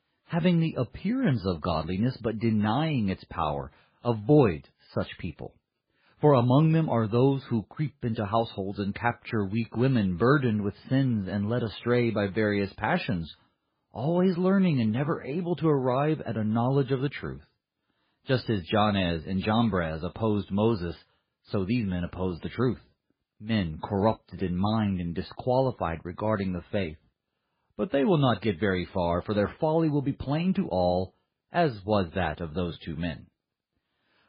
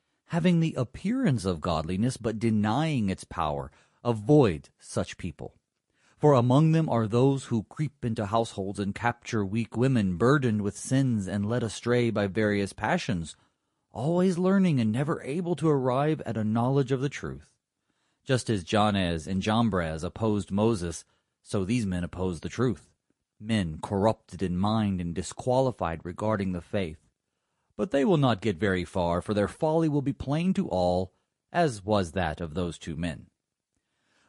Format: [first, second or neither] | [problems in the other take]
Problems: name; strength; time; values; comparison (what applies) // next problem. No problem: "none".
second | garbled, watery; badly; nothing above 4.5 kHz; slightly in the second